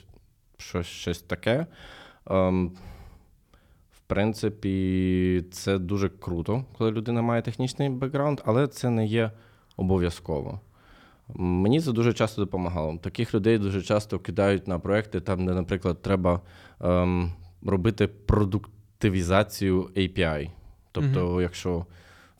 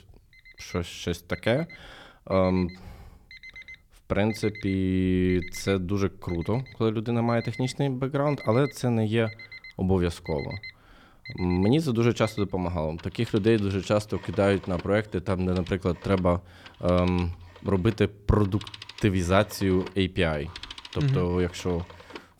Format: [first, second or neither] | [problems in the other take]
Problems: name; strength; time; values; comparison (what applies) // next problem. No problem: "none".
first | alarms or sirens; noticeable; throughout; 20 dB below the speech